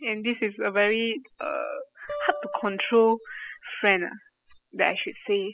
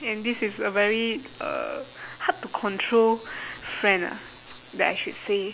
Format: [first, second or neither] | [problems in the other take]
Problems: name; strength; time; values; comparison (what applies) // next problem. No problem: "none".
second | noise reduction (classical method spectral subtraction)